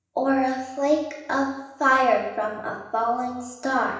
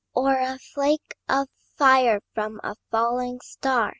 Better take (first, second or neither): second